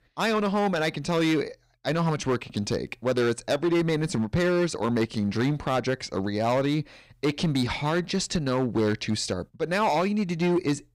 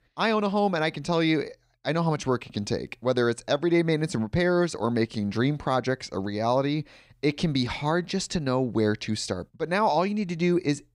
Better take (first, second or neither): second